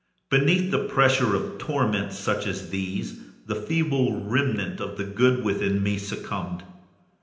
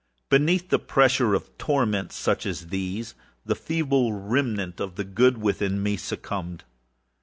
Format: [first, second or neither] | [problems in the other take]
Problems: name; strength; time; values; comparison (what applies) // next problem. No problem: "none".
second | room echo; dies away in 0.9 s